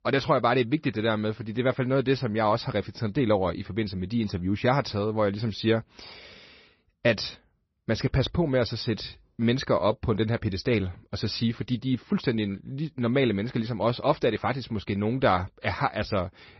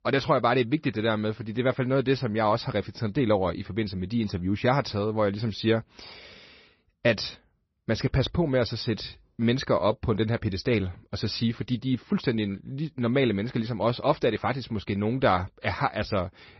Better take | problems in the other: neither | garbled, watery; slightly; nothing above 5.5 kHz; the same in both

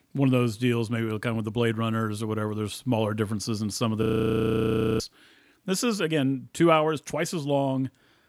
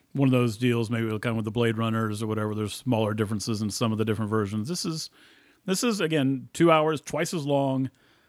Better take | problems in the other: second | audio freezing; at 4 s for 1 s

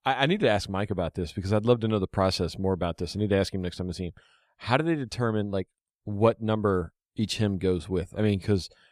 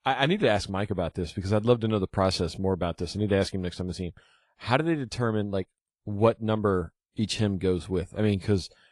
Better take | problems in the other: first | garbled, watery; slightly

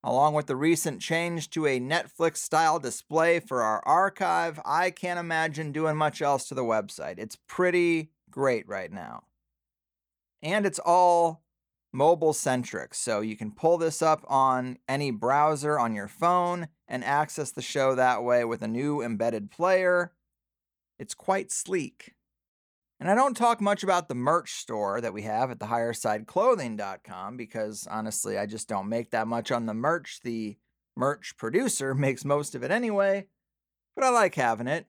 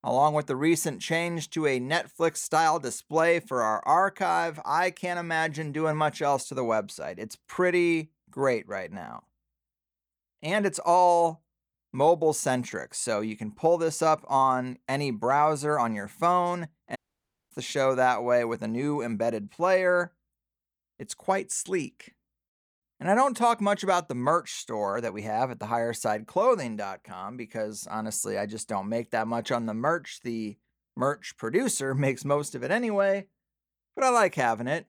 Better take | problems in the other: first | audio cutting out; at 17 s for 0.5 s

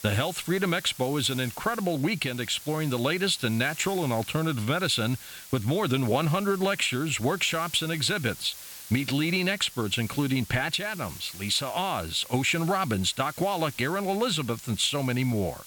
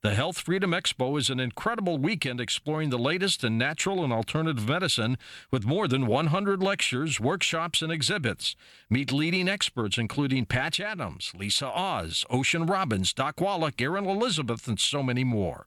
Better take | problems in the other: second | hiss; noticeable; throughout; 15 dB below the speech

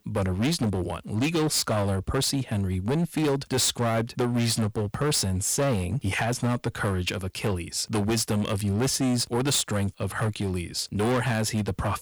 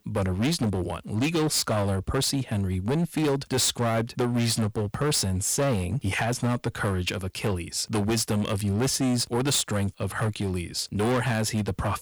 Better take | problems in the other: neither | distortion; heavy; 16% of the sound clipped; the same in both

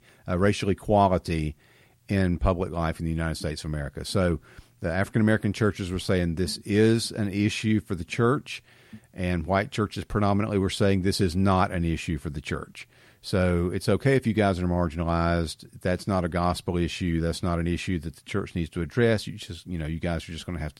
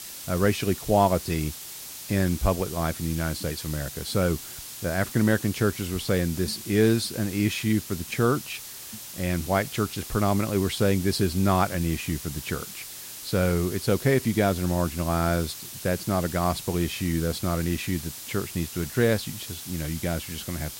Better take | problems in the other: first | hiss; noticeable; throughout; 10 dB below the speech

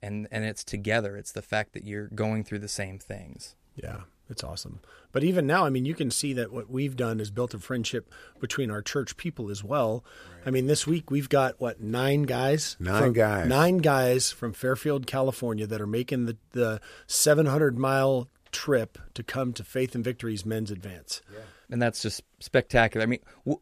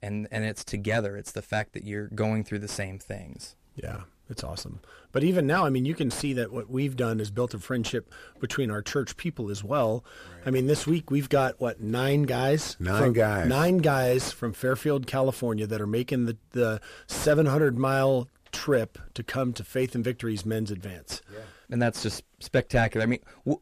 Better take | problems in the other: first | distortion; slight; 10 dB below the speech

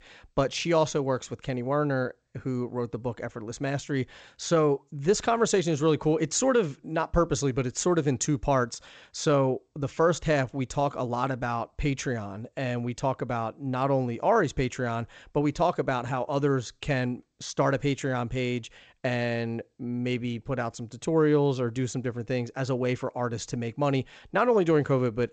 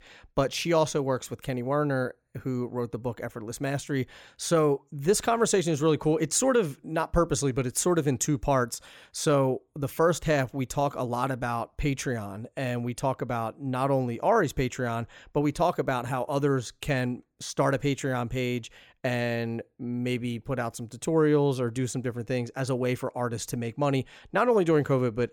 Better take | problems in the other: second | garbled, watery; slightly; nothing above 7.5 kHz

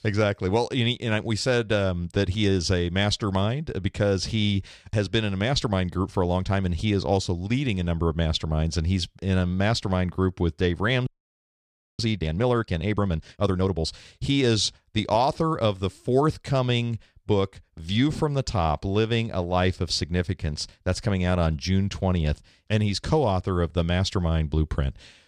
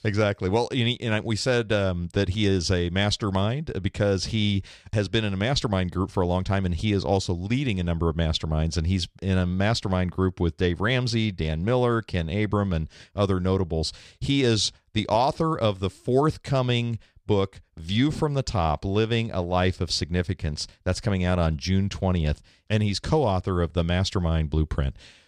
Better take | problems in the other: second | audio freezing; at 11 s for 1 s

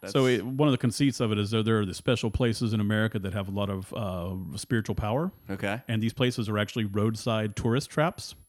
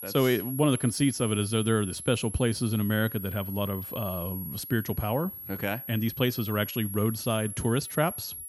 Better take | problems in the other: first | high-pitched whine; loud; throughout; 11.5 kHz, 8 dB below the speech; faint in the first

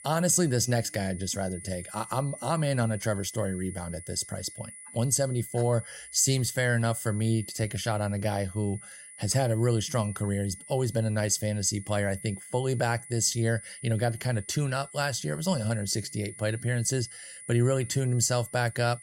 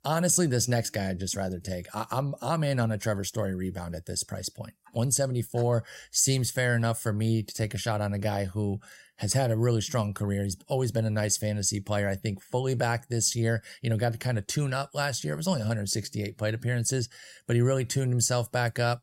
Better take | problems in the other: second | high-pitched whine; noticeable; throughout; 10 kHz, 15 dB below the speech

